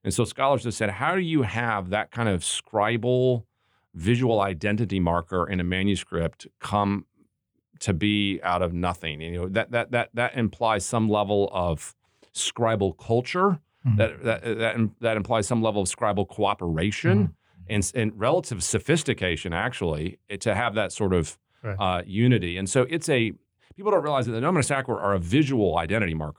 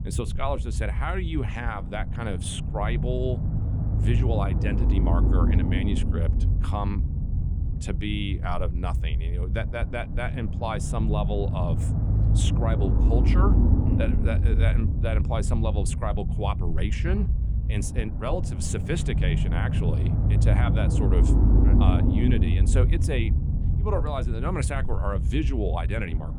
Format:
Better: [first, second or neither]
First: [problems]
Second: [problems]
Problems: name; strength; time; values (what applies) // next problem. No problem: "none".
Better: first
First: none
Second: low rumble; loud; throughout; 5 dB below the speech